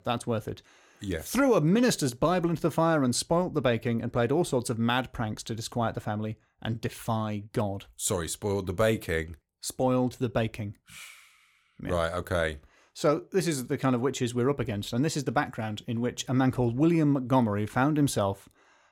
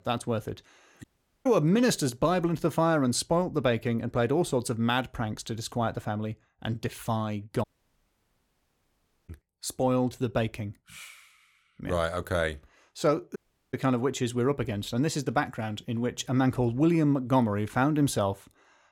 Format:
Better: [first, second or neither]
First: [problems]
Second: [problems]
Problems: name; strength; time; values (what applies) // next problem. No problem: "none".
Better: first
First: none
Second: audio cutting out; at 1 s, at 7.5 s for 1.5 s and at 13 s